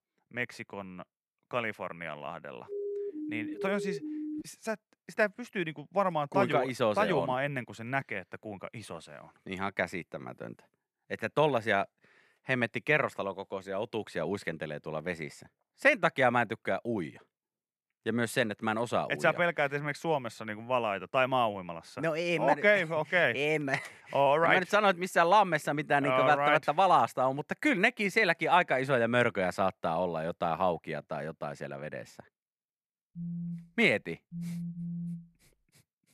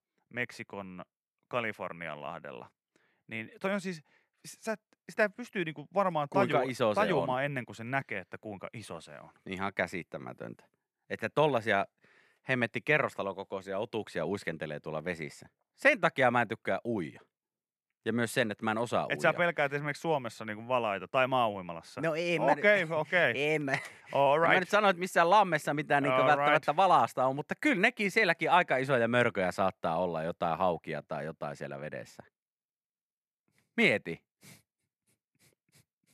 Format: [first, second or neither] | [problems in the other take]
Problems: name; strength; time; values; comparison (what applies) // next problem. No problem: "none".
second | siren; noticeable; from 2.5 to 4.5 s; peak 7 dB below the speech // phone ringing; noticeable; from 33 to 35 s; peak 9 dB below the speech